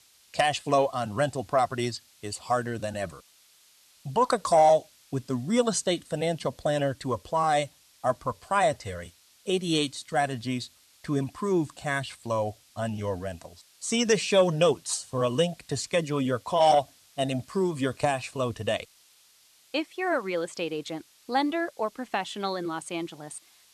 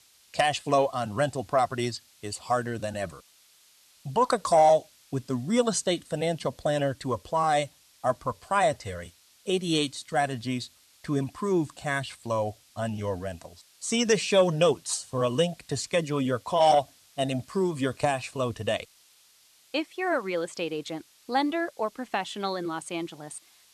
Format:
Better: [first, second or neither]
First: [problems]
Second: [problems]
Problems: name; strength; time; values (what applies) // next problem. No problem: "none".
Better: neither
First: hiss; faint; throughout; 30 dB below the speech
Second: hiss; faint; throughout; 30 dB below the speech